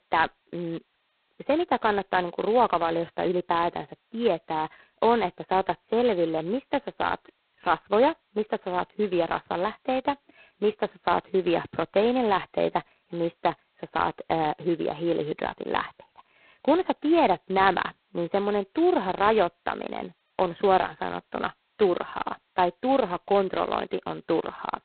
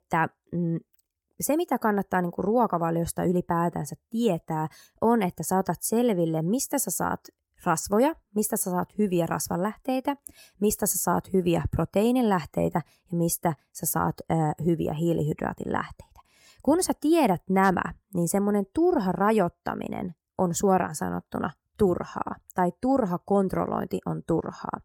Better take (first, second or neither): second